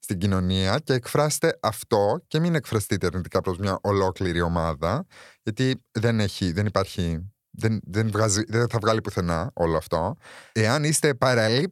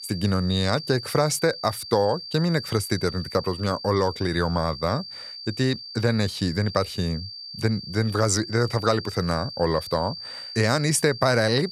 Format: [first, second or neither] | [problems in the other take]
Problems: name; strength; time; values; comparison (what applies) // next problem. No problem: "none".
first | high-pitched whine; noticeable; throughout; 4.5 kHz, 10 dB below the speech